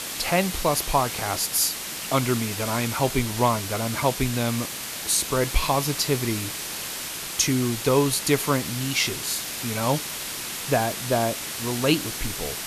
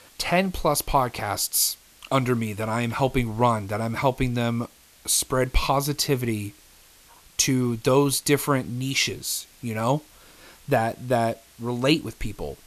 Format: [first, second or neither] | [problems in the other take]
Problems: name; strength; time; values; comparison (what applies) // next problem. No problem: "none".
second | hiss; loud; throughout; 5 dB below the speech; faint in the second